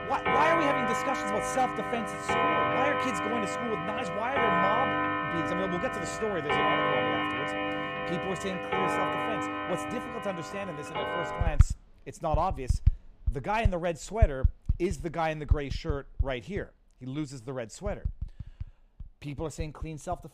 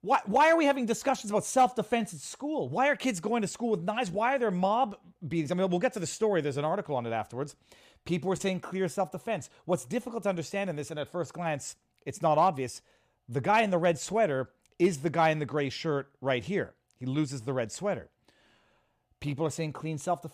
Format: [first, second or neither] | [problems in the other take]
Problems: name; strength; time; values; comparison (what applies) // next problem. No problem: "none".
second | household noises; very loud; throughout; 4 dB above the speech